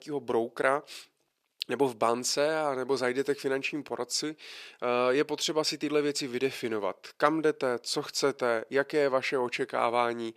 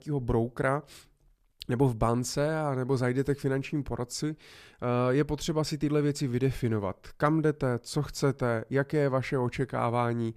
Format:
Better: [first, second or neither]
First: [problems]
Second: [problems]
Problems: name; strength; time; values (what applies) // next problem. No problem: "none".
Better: second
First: thin; somewhat; fading below 400 Hz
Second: none